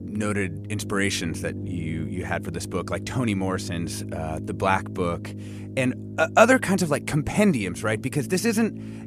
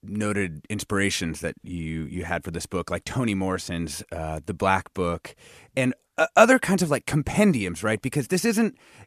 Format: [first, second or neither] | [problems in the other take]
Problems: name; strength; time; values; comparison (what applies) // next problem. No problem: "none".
second | low rumble; noticeable; throughout; 15 dB below the speech